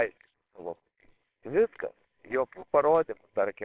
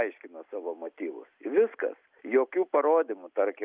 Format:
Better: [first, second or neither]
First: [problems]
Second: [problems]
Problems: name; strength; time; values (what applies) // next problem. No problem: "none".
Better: second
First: noise reduction (neural separator model SepFormer WHAMR!)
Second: none